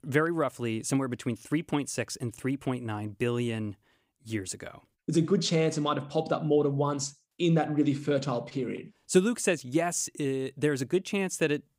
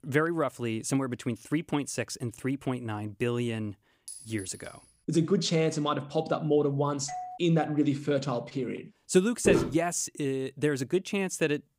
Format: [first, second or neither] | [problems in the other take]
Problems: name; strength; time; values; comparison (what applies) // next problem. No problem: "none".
first | clattering dishes; faint; at 4 s; peak 15 dB below the speech // doorbell; noticeable; at 7 s; peak 10 dB below the speech // footsteps; loud; at 9.5 s; peak 3 dB above the speech